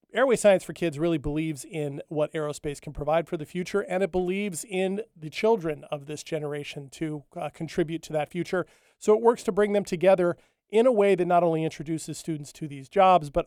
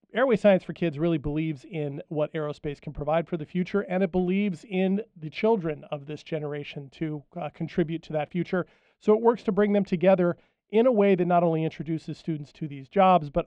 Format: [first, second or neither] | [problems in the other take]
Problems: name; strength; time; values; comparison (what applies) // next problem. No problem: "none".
first | muffled; slightly; fading above 4 kHz